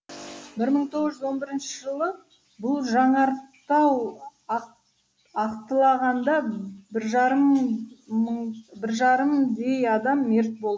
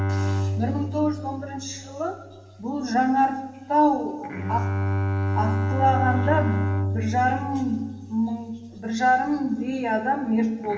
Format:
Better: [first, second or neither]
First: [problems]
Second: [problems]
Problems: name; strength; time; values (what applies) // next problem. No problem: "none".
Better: first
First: none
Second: background sound (Bowed string instrument); 3 dB below the speech // room echo; dies away in 1.1 s